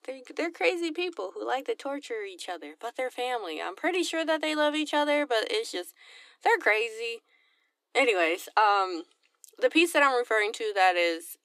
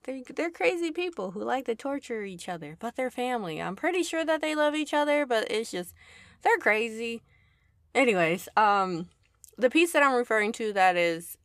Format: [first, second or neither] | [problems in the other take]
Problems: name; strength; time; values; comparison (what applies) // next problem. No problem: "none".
second | thin; very slightly; fading below 300 Hz